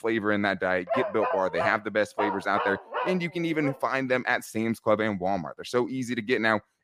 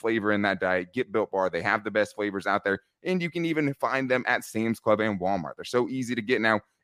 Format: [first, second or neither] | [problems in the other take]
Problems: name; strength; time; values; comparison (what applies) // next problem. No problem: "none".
second | dog barking; noticeable; from 1 to 3.5 s; peak 1 dB below the speech